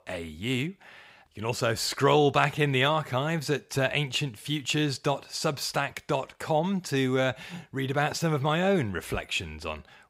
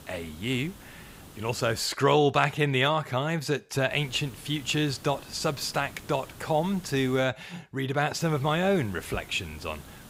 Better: first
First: none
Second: hiss; noticeable; until 2 s, from 4 to 7 s and from 8 s on; 20 dB below the speech

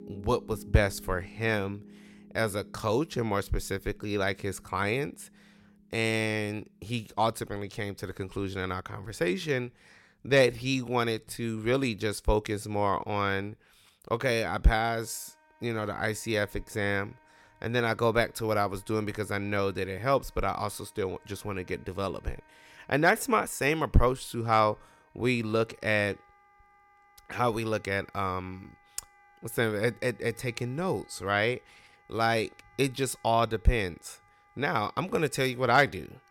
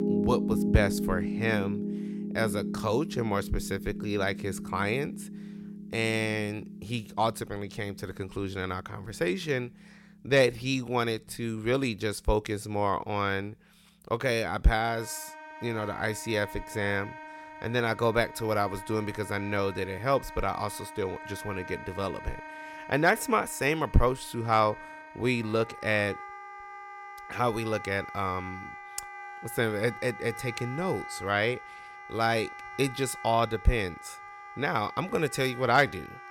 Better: first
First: background music; faint; throughout; 25 dB below the speech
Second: background music; loud; throughout; 9 dB below the speech

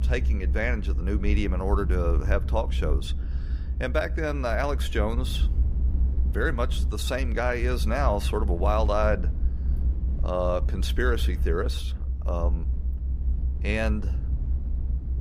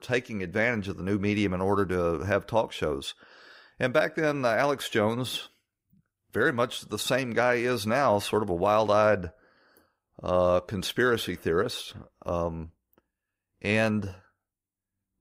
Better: second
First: low rumble; noticeable; throughout; 15 dB below the speech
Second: none

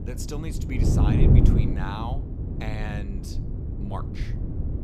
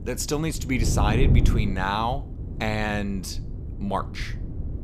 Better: second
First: wind noise on the microphone; heavy; 1 dB above the speech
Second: wind noise on the microphone; occasional gusts; 10 dB below the speech

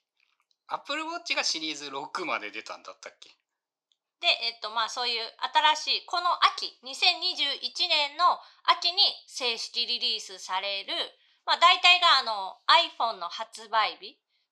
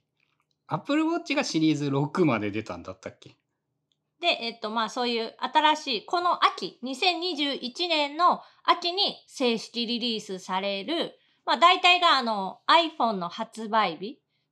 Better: second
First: thin; very; fading below 850 Hz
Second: none

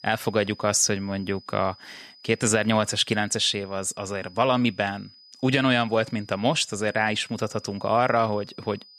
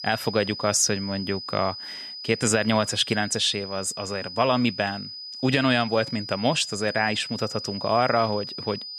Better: first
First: high-pitched whine; faint; throughout; 5 kHz, 25 dB below the speech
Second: high-pitched whine; loud; throughout; 5 kHz, 10 dB below the speech

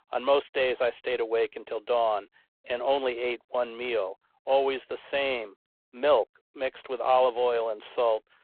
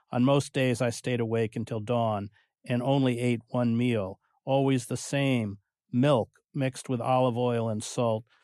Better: second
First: phone-call audio; poor line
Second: none

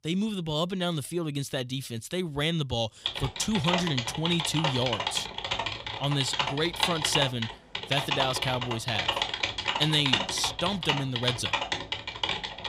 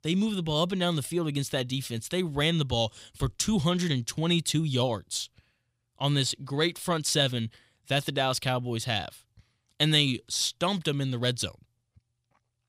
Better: second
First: keyboard typing; loud; from 3 s on; peak 4 dB above the speech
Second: none

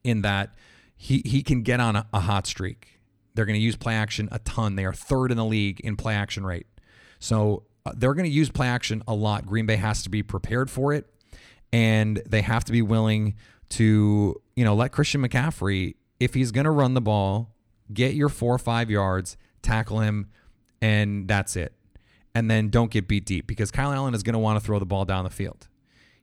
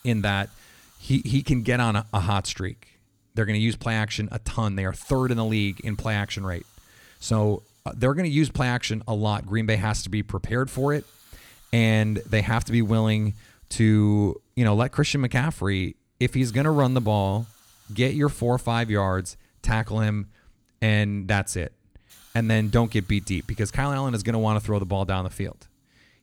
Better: first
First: none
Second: hiss; faint; throughout; 30 dB below the speech

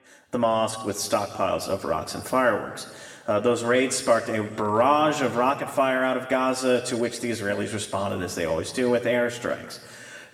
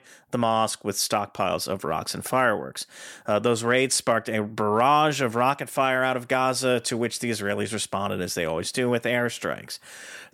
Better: second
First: room echo; slight; dies away in 1.3 s // off-mic speech; somewhat distant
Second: none

